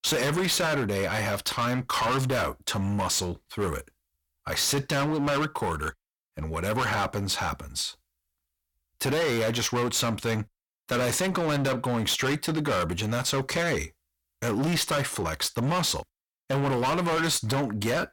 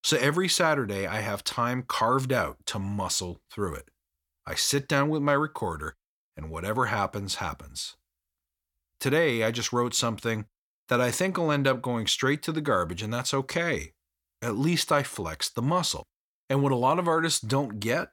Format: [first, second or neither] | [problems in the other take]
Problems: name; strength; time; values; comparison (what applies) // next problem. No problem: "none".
second | distortion; heavy; 22% of the sound clipped